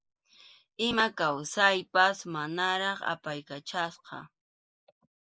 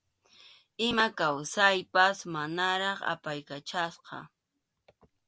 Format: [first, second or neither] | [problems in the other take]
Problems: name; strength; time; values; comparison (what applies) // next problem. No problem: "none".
second | noise reduction (neural mask model Resemble Enhance denoiser)